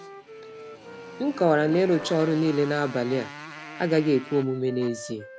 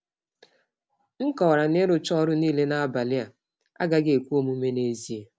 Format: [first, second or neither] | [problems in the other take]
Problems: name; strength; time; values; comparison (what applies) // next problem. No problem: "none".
second | background sound (Wind instrument, woodwind instrument + Motorcycle); 14 dB below the speech